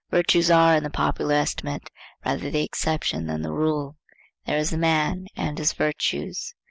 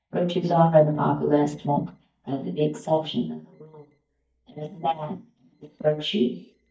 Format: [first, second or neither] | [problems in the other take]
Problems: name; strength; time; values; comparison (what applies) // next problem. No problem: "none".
first | noise reduction (neural mask model DeepFilterNet 3)